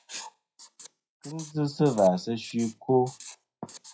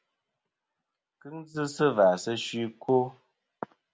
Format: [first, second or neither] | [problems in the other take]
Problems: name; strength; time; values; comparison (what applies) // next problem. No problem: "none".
second | noise reduction (classical method WPE with log-MMSE)